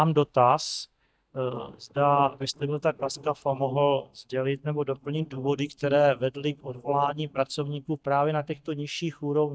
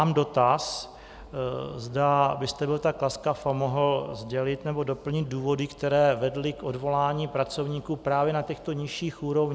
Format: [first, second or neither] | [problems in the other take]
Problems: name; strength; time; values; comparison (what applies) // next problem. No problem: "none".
second | noise reduction (neural mask model DeepFilterNet 3)